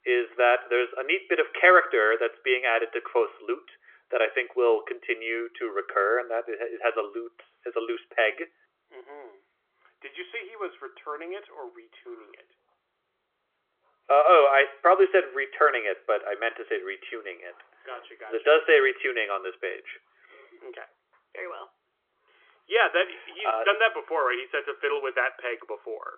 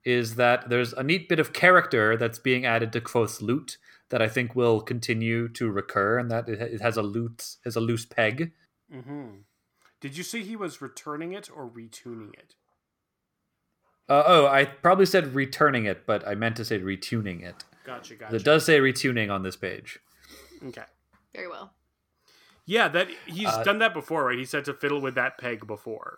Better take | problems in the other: second | phone-call audio; nothing above 3.5 kHz

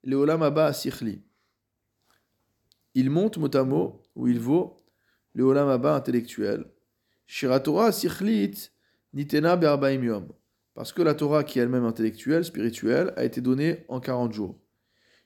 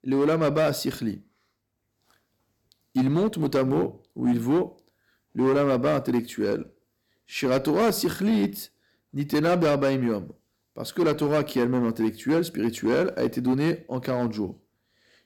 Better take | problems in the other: first | distortion; slight; 8% of the sound clipped

